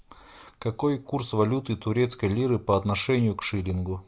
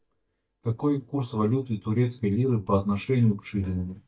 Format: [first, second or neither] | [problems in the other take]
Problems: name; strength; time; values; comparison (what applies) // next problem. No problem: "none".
first | noise reduction (neural mask model DeepFilterNet 3)